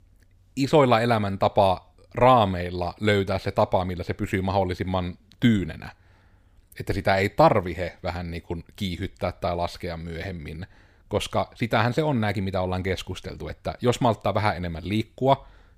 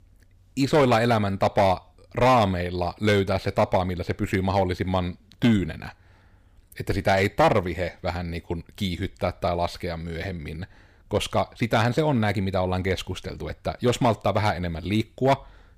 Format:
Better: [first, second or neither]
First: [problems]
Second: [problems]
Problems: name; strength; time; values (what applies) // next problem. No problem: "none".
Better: first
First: none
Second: distortion; slight; 3% of the sound clipped